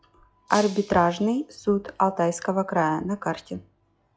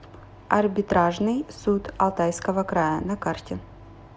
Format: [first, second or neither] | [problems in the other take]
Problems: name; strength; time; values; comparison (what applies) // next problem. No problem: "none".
second | noise reduction (classical method log-MMSE)